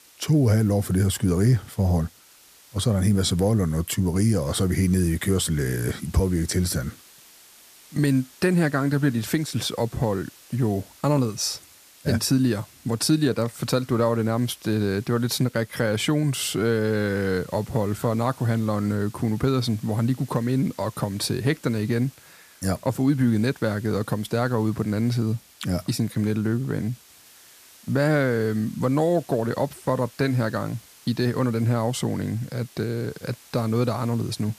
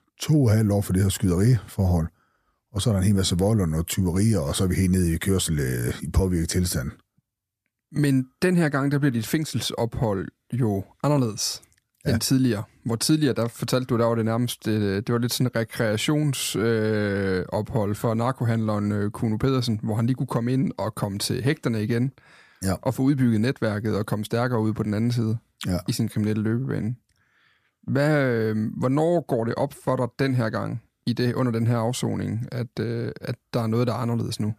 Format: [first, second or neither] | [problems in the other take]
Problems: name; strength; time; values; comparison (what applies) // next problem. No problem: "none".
second | hiss; faint; throughout; 25 dB below the speech